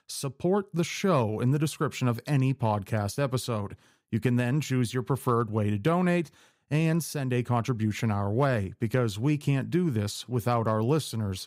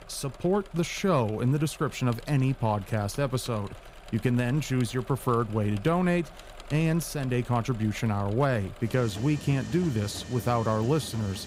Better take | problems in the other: first | machinery noise; noticeable; throughout; 15 dB below the speech

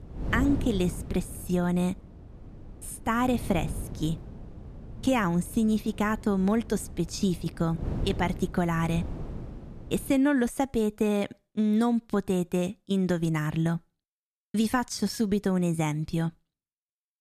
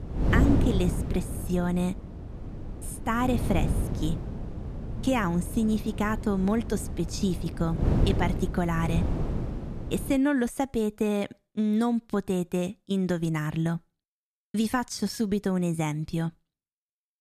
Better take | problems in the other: first | wind noise on the microphone; heavy; until 10 s; 8 dB below the speech; occasional gusts in the first

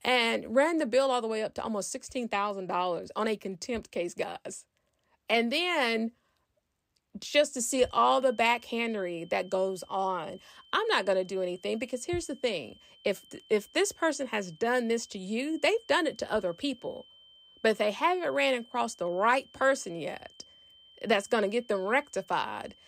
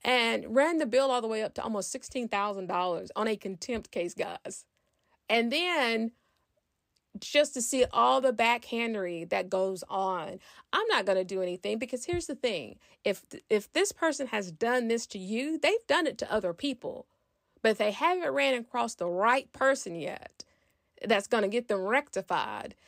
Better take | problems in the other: second | high-pitched whine; faint; from 7.5 s on; 3 kHz, 25 dB below the speech

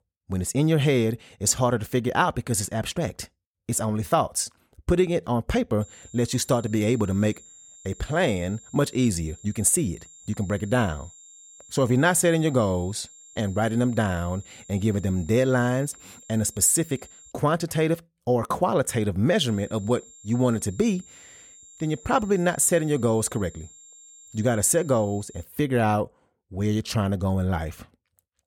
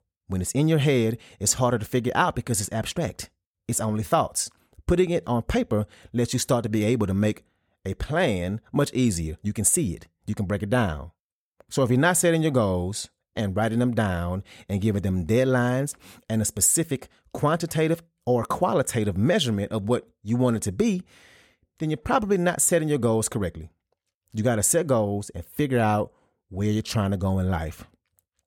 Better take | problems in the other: second | high-pitched whine; faint; from 6 to 17 s and from 19 to 25 s; 7.5 kHz, 20 dB below the speech

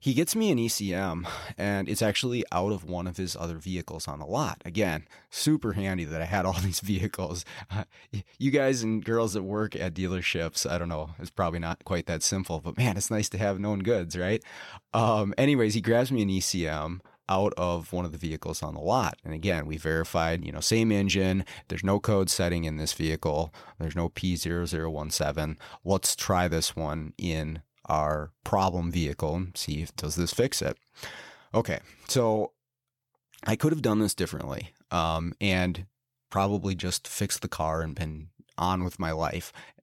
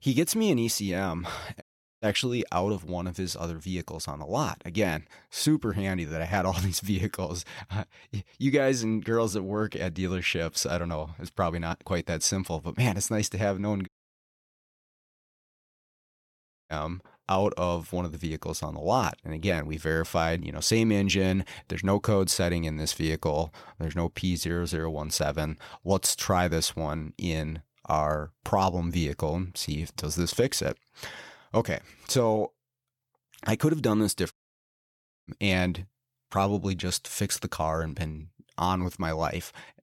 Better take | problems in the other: first | audio cutting out; at 1.5 s, at 14 s for 3 s and at 34 s for 1 s

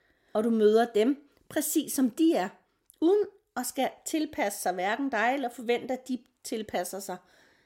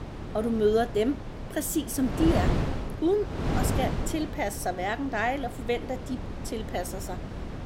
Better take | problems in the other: first | wind noise on the microphone; heavy; 8 dB below the speech

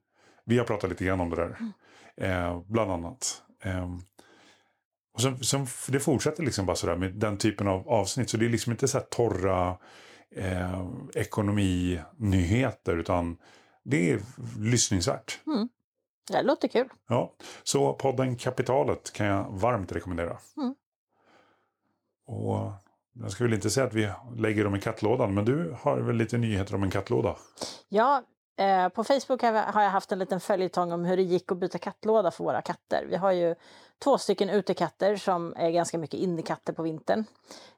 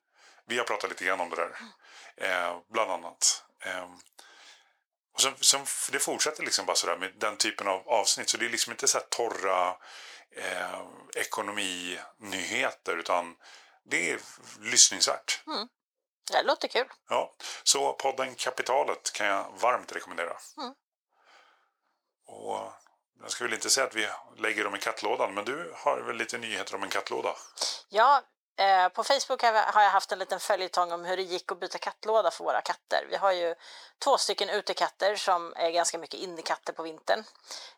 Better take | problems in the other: first | thin; very; fading below 800 Hz

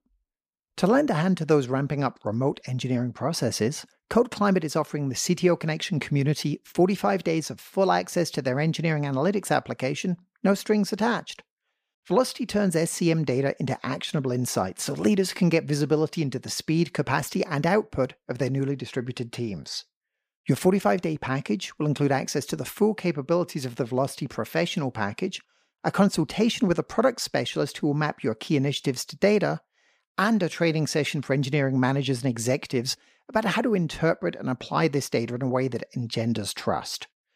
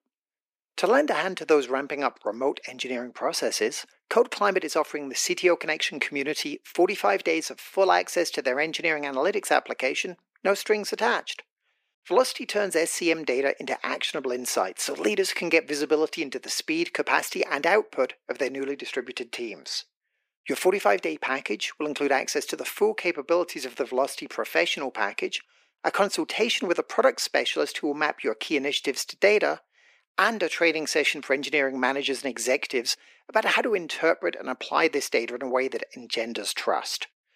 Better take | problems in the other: first | thin; somewhat; fading below 350 Hz

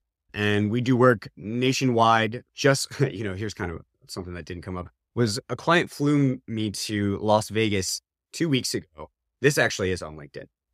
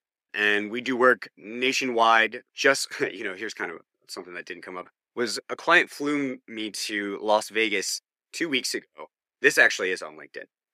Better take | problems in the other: first | thin; somewhat; fading below 300 Hz

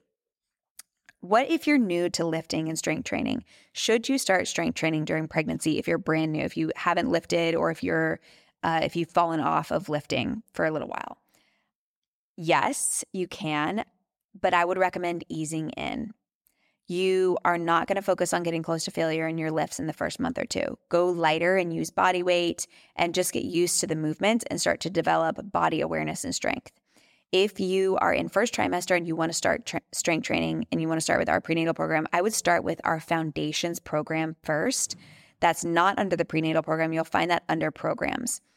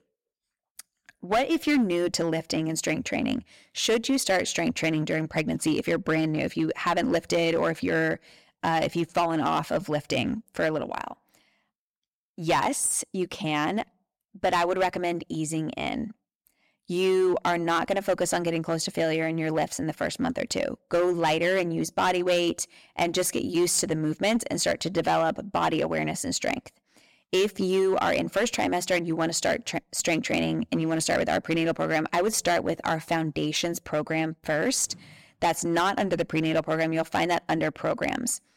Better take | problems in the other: first | distortion; slight; 6% of the sound clipped

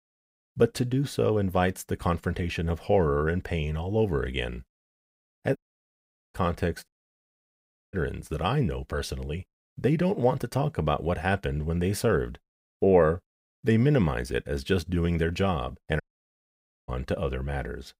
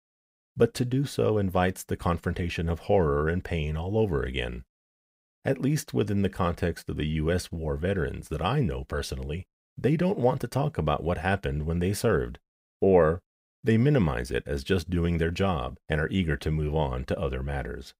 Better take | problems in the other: second | audio cutting out; at 5.5 s for 1 s, at 7 s for 1 s and at 16 s for 1 s

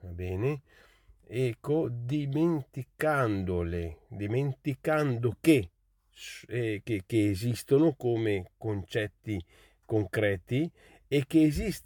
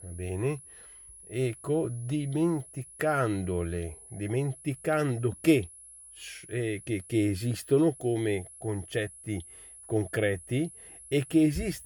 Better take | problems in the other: first | high-pitched whine; noticeable; throughout; 10.5 kHz, 15 dB below the speech

